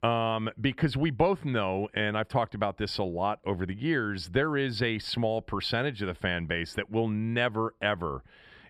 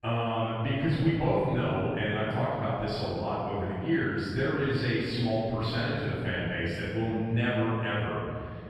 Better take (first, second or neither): first